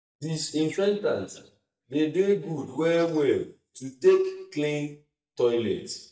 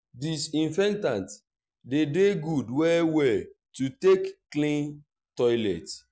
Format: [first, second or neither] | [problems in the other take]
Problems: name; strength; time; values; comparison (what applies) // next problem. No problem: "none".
second | noise reduction (neural mask model DeepFilterNet 3)